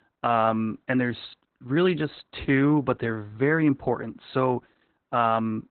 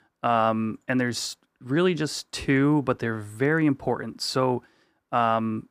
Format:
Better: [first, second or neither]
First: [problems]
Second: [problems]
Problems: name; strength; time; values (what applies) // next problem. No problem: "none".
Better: second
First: garbled, watery; badly; nothing above 4 kHz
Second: none